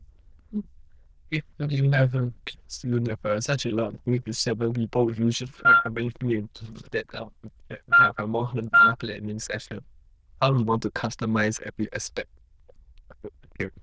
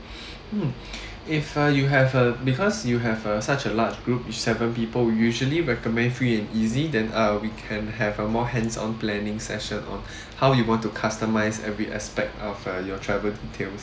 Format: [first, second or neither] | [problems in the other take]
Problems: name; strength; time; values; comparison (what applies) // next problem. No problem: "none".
second | noise reduction (neural diffusion model UNIVERSE++)